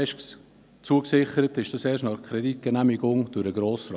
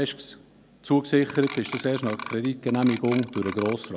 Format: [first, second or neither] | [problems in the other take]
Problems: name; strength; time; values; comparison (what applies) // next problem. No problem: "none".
first | background sound (Clock); 13 dB below the speech